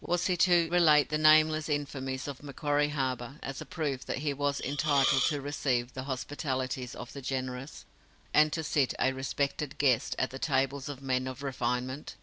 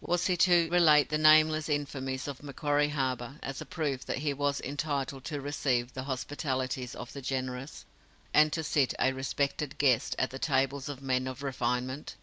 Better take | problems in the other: second | background sound (Hiss); 2 dB below the speech

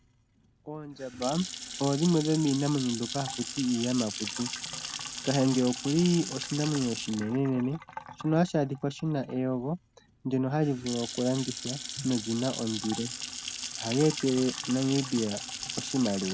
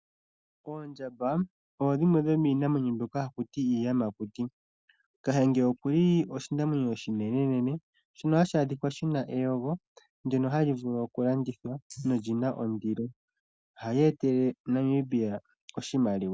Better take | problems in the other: second | background sound (Sink (filling or washing) / Water tap, faucet / Splash, splatter); 9 dB below the speech

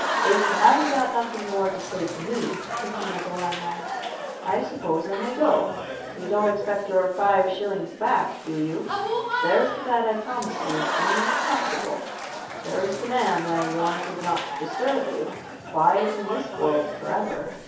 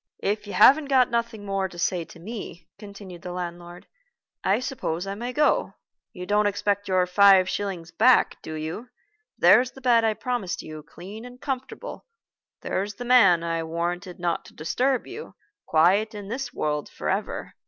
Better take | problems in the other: second | background sound (Applause / Crowd); 5 dB below the speech // room echo; dies away in 0.6 s

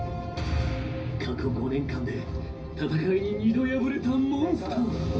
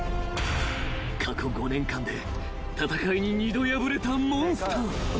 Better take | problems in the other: second | room echo; dies away in 0.4 s

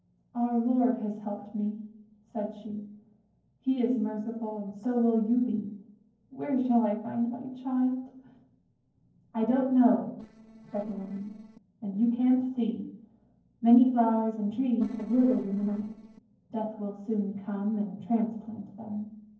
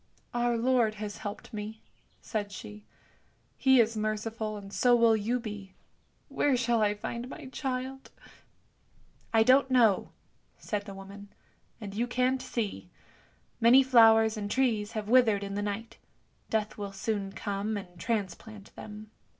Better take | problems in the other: second | noise reduction (neural separator model SepFormer DNS4)

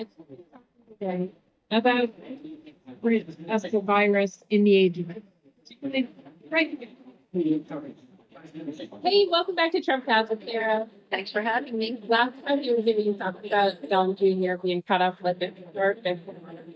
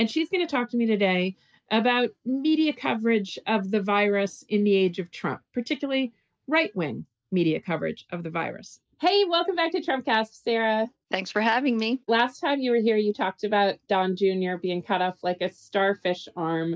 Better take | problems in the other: second | noise reduction (neural mask model DeepFilterNet 3)

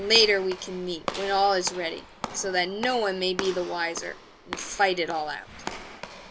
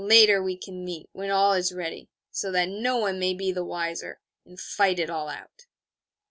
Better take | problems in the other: second | background sound (Walk, footsteps / Slam); 12 dB below the speech

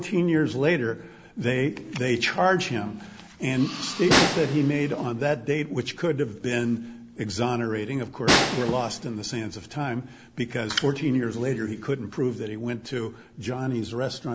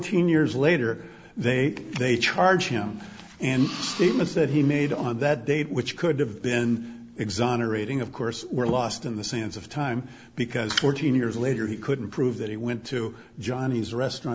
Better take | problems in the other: second | background sound (Snare drum); 3 dB below the speech

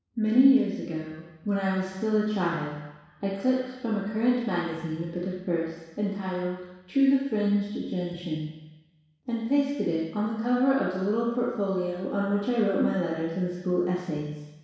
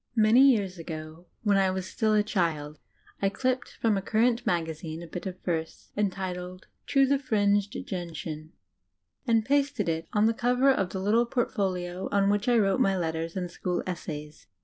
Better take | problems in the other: second | room echo; dies away in 1.1 s

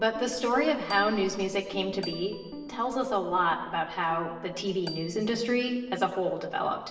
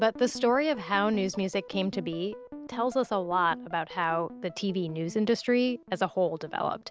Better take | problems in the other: second | background sound (Marimba, xylophone); 17 dB below the speech // room echo; dies away in 1.1 s

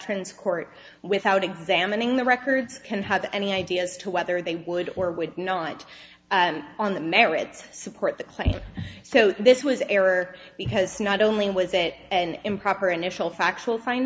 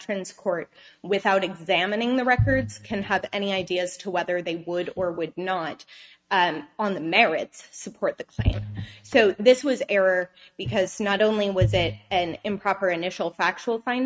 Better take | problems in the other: first | noise reduction (neural mask model RNNoise)

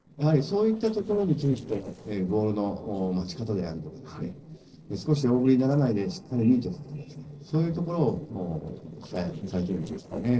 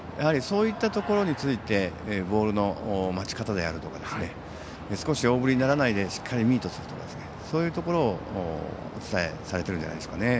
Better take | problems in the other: second | noise reduction (neural separator model SepFormer DNS4)

